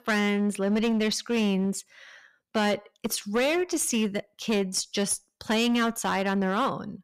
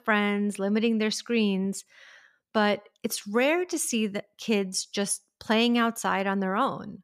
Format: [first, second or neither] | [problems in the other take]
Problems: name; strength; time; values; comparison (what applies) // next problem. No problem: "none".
second | distortion; slight; 12% of the sound clipped